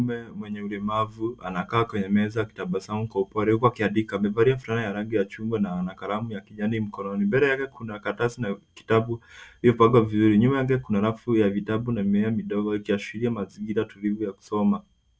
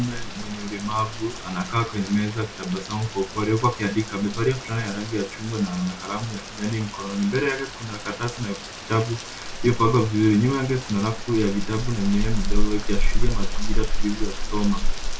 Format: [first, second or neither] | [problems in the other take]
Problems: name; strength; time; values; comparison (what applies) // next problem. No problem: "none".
first | background sound (Rain); 1 dB above the speech // room echo; dies away in 0.3 s